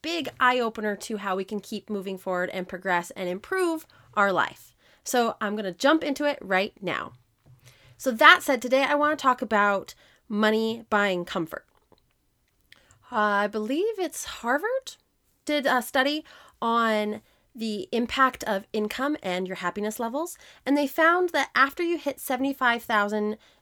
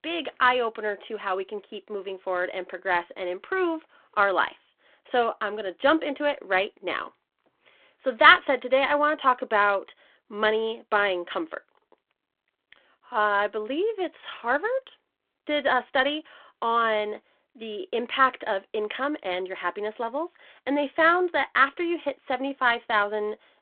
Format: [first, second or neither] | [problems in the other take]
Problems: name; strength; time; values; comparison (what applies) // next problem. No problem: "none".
first | phone-call audio